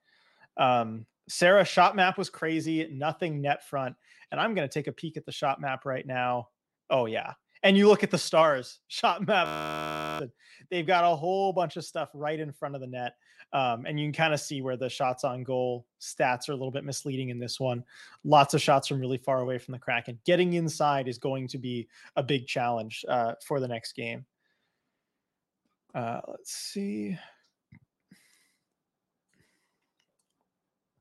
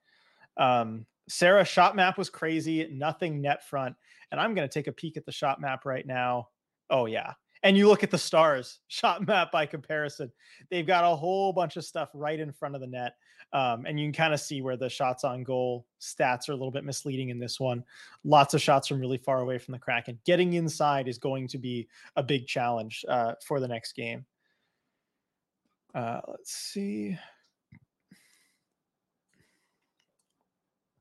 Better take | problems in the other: second | audio freezing; at 9.5 s for 0.5 s

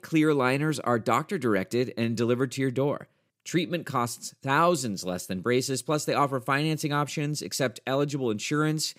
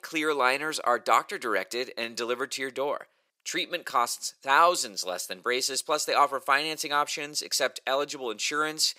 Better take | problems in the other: first | thin; very; fading below 700 Hz

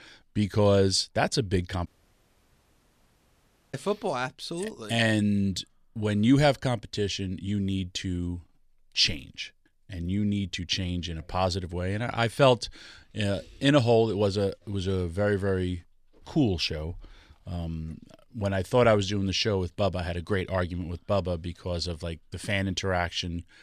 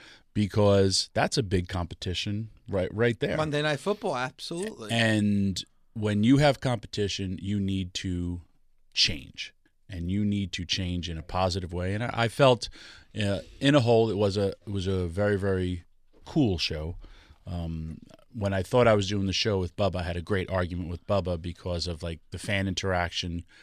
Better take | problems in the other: second | audio cutting out; at 2 s for 2 s

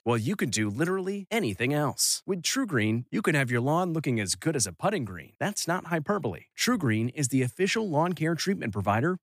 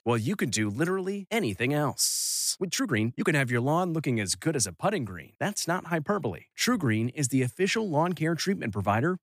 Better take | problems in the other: first | audio freezing; at 2 s

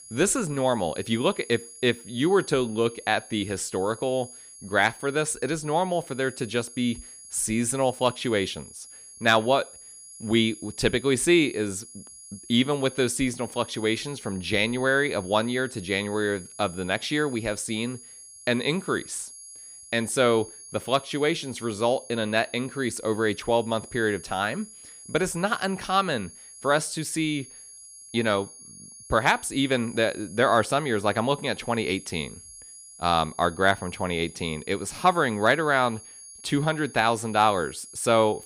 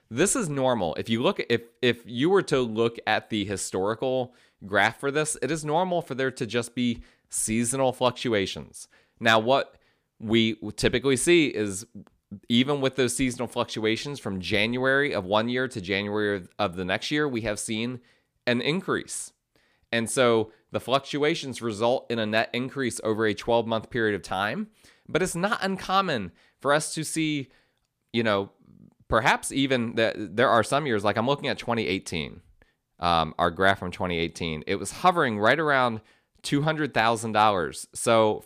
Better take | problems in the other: second | high-pitched whine; noticeable; throughout; 10.5 kHz, 15 dB below the speech

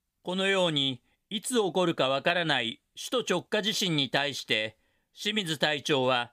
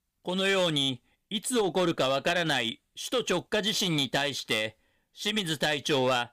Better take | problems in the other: first | distortion; slight; 6% of the sound clipped

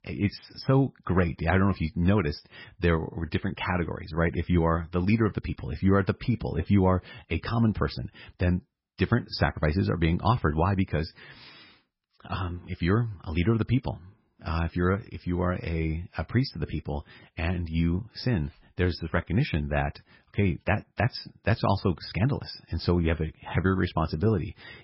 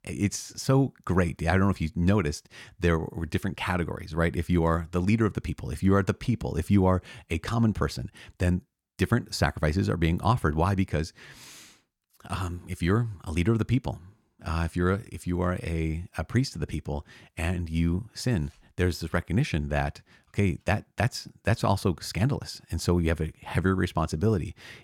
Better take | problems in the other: second | garbled, watery; badly; nothing above 5.5 kHz

